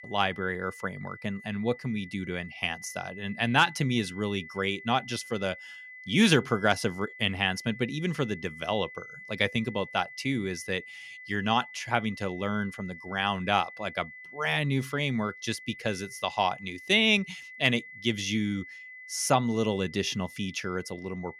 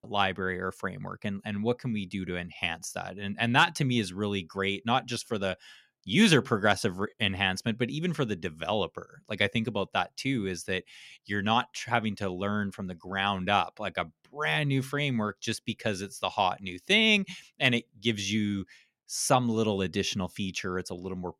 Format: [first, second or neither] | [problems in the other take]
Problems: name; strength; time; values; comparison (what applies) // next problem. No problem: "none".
second | high-pitched whine; noticeable; throughout; 2 kHz, 15 dB below the speech